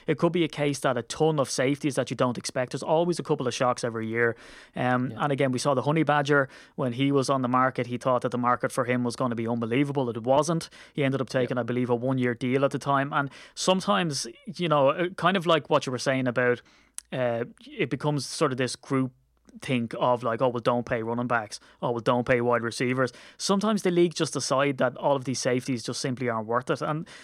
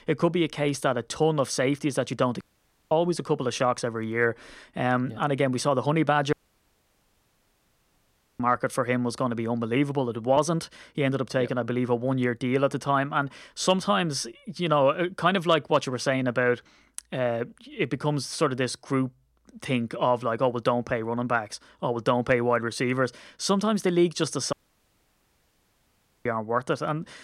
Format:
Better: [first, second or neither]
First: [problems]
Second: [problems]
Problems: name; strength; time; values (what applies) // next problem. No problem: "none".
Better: first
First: none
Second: audio cutting out; at 2.5 s for 0.5 s, at 6.5 s for 2 s and at 25 s for 1.5 s